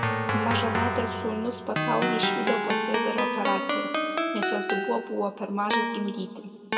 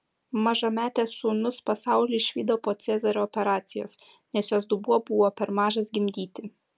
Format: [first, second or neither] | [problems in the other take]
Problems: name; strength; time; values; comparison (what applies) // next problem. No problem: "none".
second | background sound (Keyboard (musical)); 2 dB above the speech // room echo; dies away in 1.9 s